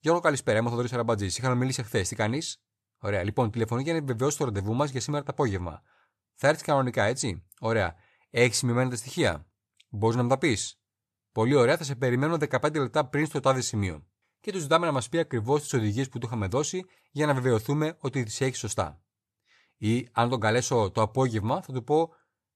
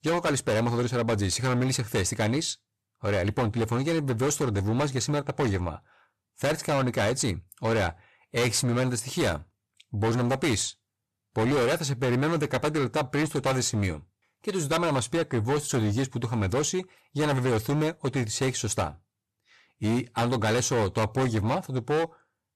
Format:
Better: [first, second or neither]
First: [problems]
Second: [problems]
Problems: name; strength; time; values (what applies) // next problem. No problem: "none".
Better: first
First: none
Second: distortion; heavy; 17% of the sound clipped